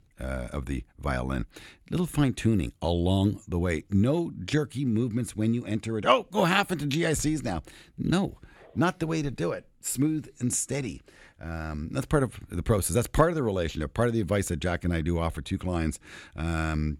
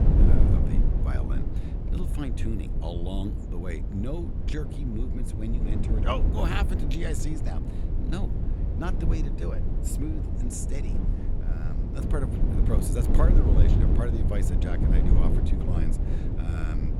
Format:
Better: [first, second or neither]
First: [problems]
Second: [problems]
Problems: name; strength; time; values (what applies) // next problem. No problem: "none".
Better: first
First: none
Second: low rumble; loud; throughout; 1 dB below the speech